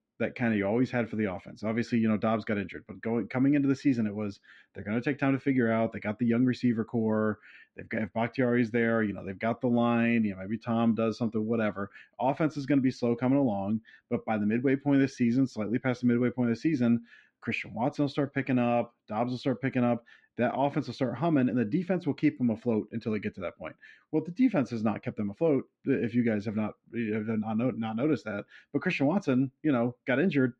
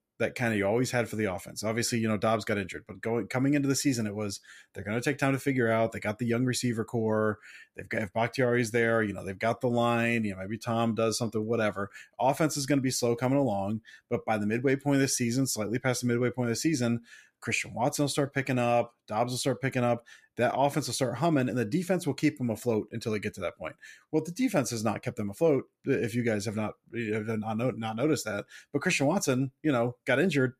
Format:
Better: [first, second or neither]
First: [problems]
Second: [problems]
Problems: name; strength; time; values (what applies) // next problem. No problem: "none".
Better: second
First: muffled; slightly; fading above 3.5 kHz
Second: none